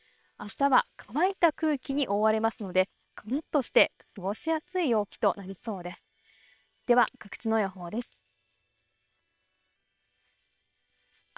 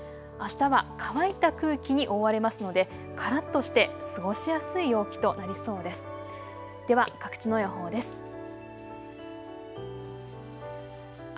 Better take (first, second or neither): second